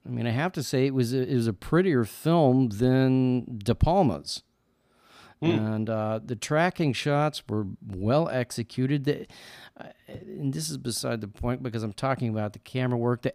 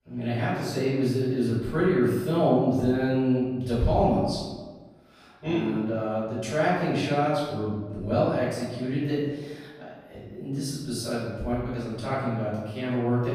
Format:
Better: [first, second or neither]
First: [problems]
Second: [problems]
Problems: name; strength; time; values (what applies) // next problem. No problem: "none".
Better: first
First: none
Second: off-mic speech; far // room echo; strong; dies away in 1.1 s